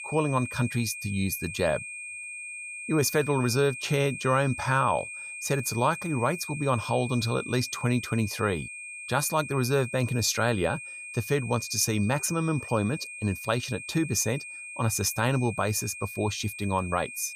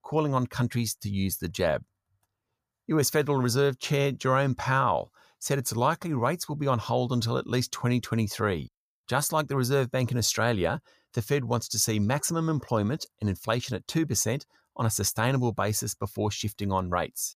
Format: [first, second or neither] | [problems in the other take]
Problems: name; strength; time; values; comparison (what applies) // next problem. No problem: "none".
second | high-pitched whine; loud; throughout; 2.5 kHz, 9 dB below the speech